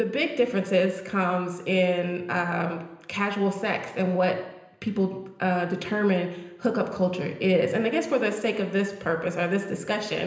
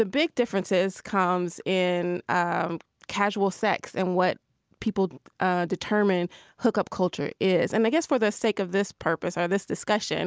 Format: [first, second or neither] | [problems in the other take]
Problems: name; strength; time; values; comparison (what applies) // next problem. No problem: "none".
second | room echo; dies away in 0.9 s